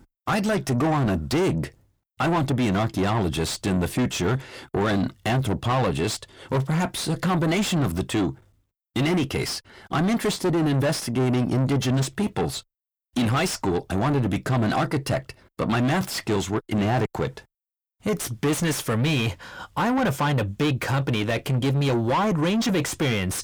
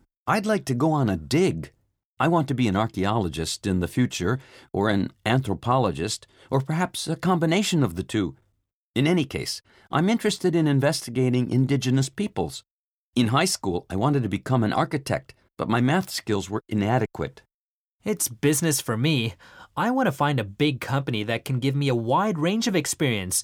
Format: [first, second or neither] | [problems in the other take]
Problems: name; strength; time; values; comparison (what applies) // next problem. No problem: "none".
second | distortion; heavy; 7 dB below the speech